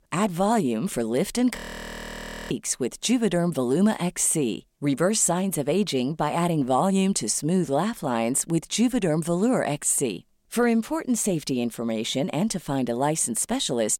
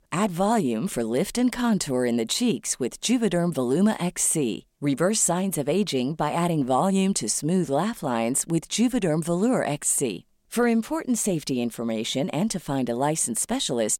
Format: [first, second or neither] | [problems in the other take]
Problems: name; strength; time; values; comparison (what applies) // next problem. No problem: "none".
second | audio freezing; at 1.5 s for 1 s